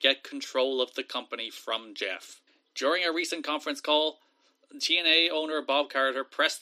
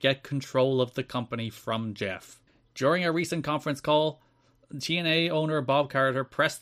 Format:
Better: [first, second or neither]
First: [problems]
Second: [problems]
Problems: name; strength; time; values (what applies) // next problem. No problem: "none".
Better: second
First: thin; somewhat; fading below 300 Hz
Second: none